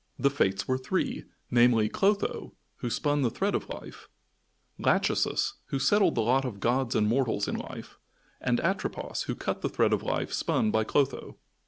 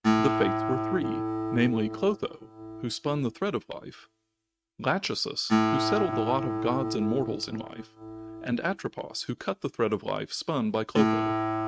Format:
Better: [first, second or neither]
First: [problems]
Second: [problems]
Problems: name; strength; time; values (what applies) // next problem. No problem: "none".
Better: first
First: none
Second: noise reduction (neural mask model RNNoise)